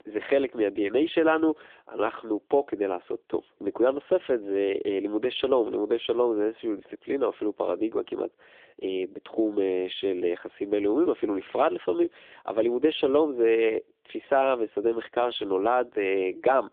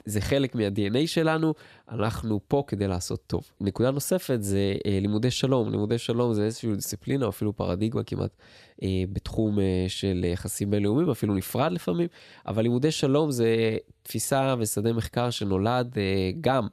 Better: second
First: phone-call audio; nothing above 3.5 kHz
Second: none

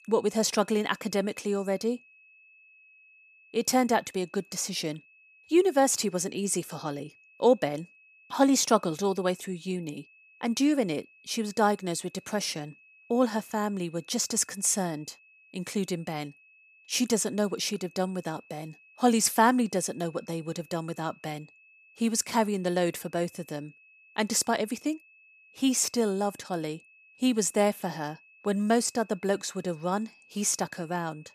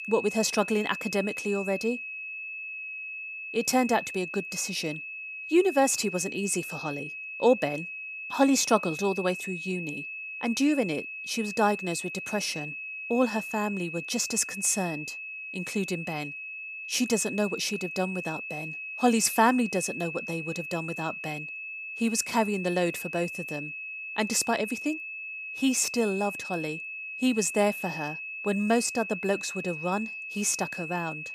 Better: first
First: high-pitched whine; faint; throughout; 2.5 kHz, 25 dB below the speech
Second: high-pitched whine; loud; throughout; 2.5 kHz, 7 dB below the speech

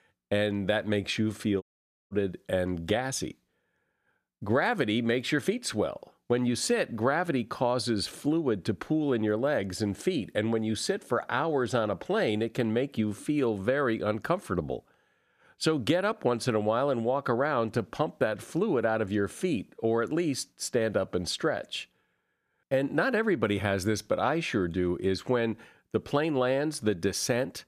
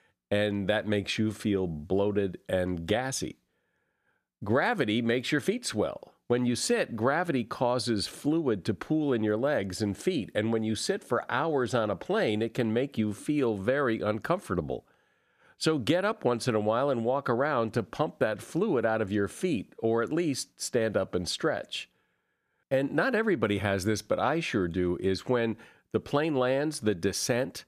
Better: second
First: audio cutting out; at 1.5 s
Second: none

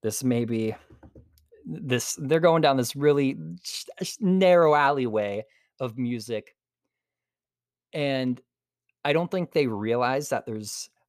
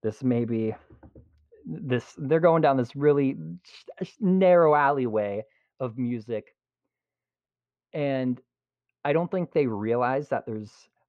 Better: first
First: none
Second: muffled; very; fading above 2 kHz

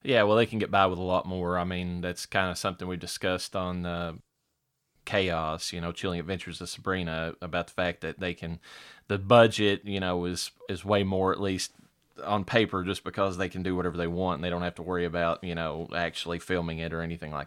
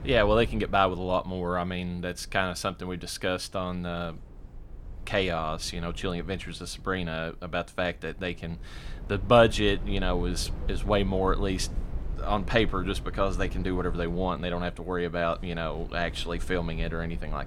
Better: first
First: none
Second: wind noise on the microphone; occasional gusts; 20 dB below the speech

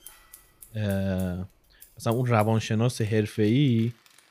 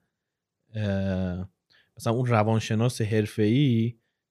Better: second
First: household noises; faint; throughout; 25 dB below the speech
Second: none

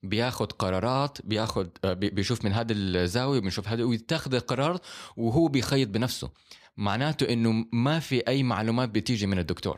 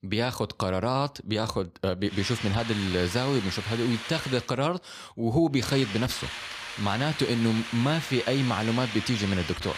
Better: first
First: none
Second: hiss; loud; from 2 to 4.5 s and from 5.5 s on; 8 dB below the speech

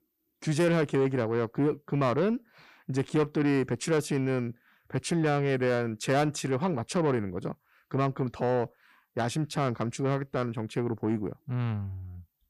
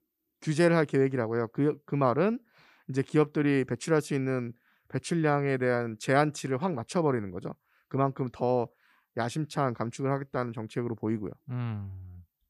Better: second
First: distortion; slight; 10 dB below the speech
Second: none

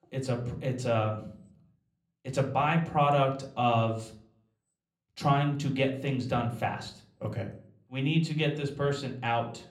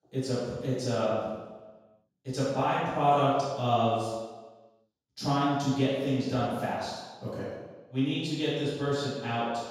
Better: first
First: room echo; slight; dies away in 0.6 s // off-mic speech; somewhat distant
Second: room echo; strong; dies away in 1.2 s // off-mic speech; far

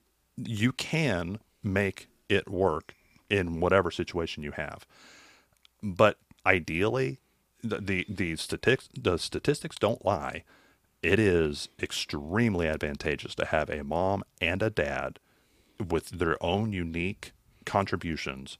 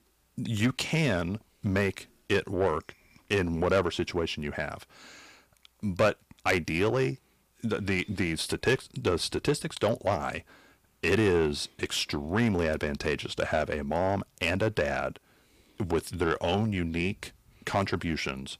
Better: first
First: none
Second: distortion; slight; 10 dB below the speech

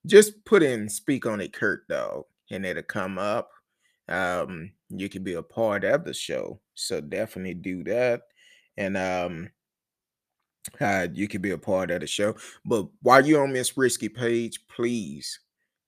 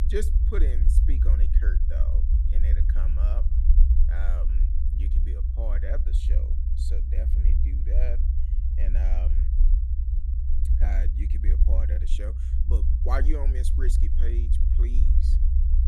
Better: first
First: none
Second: low rumble; loud; throughout; 4 dB below the speech

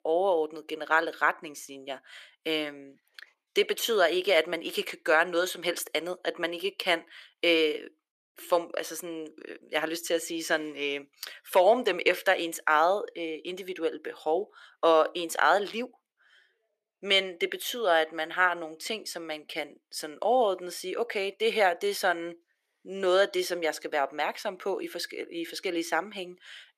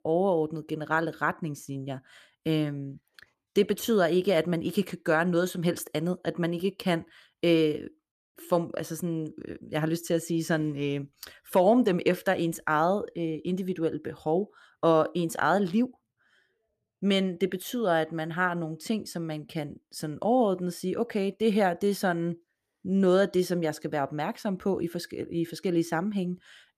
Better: second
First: thin; very; fading below 400 Hz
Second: none

